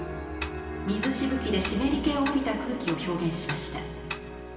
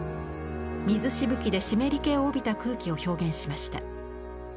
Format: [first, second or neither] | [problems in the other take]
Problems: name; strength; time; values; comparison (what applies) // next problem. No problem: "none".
second | background sound (Tick-tock); 13 dB below the speech // room echo; dies away in 2.4 s